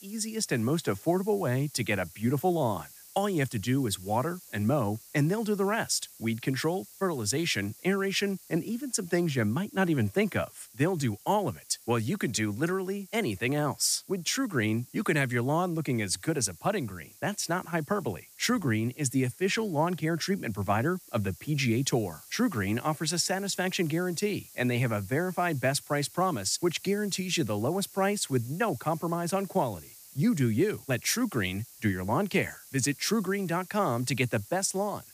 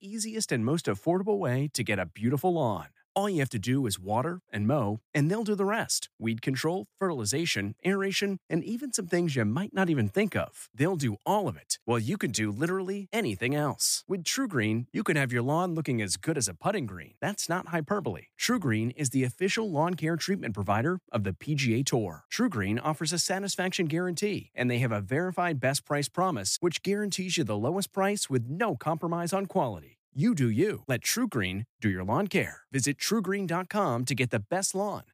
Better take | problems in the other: second | hiss; noticeable; throughout; 20 dB below the speech

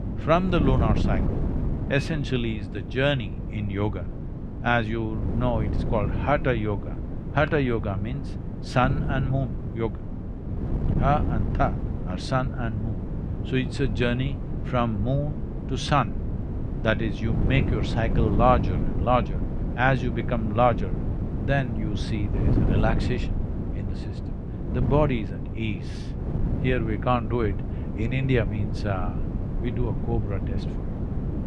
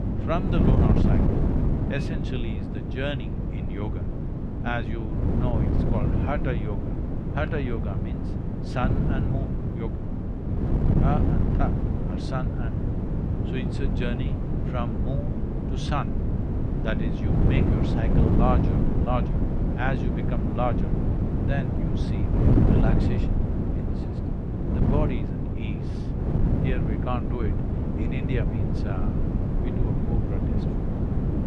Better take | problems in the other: first | wind noise on the microphone; heavy; as loud as the speech; occasional gusts in the first

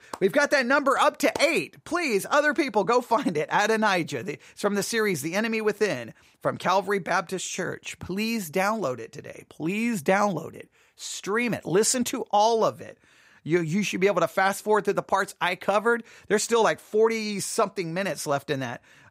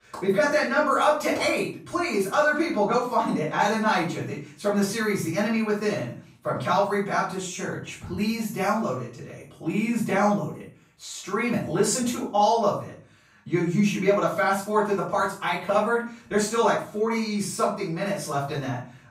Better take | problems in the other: first | off-mic speech; far // room echo; noticeable; dies away in 0.4 s

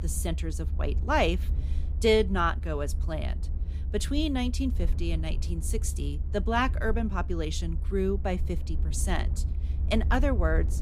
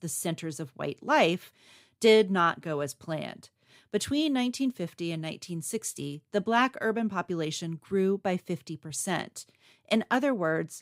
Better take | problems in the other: second | low rumble; noticeable; throughout; 20 dB below the speech

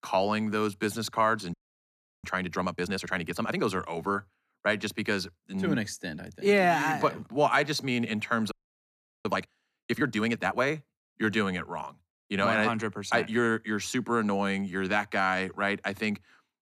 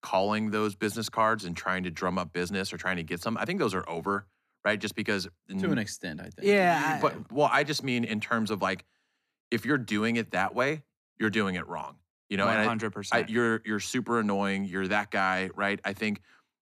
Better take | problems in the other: second | audio freezing; at 1.5 s for 0.5 s and at 8.5 s for 0.5 s

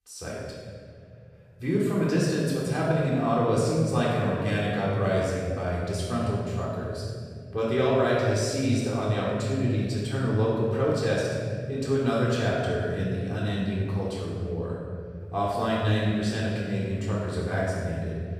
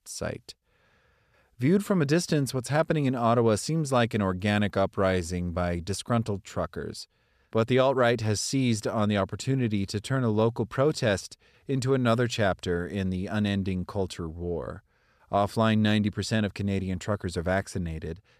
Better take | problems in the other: second | room echo; strong; dies away in 2.7 s // off-mic speech; far

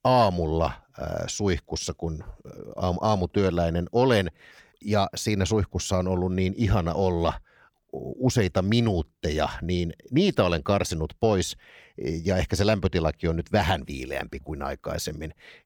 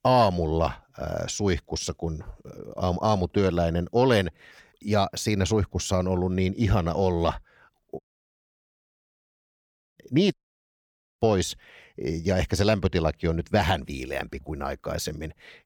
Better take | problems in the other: first | audio cutting out; at 8 s for 2 s and at 10 s for 1 s

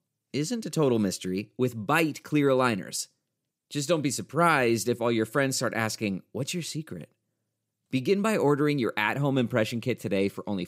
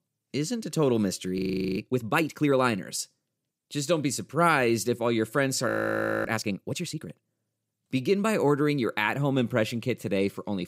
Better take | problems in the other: first | audio freezing; at 1.5 s and at 5.5 s for 0.5 s

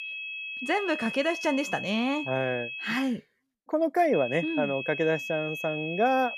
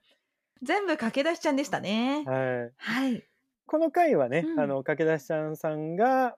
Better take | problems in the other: second | high-pitched whine; loud; until 3 s and from 4 s on; 2.5 kHz, 6 dB below the speech

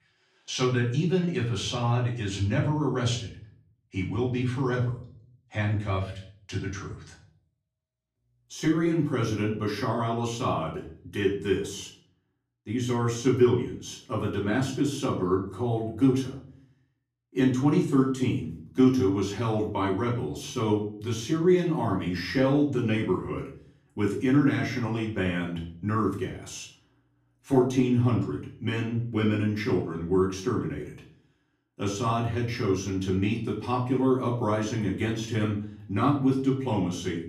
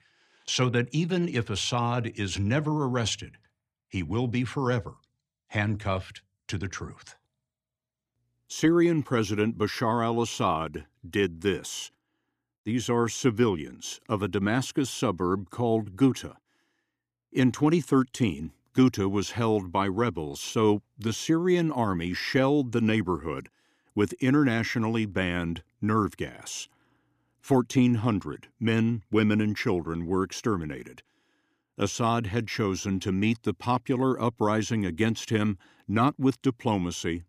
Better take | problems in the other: second | off-mic speech; far // room echo; slight; dies away in 0.5 s

